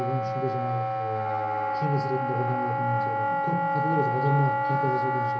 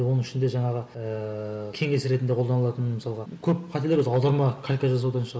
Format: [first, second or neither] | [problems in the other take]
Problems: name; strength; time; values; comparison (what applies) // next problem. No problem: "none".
second | background sound (Wind instrument, woodwind instrument); 3 dB above the speech // room echo; dies away in 0.5 s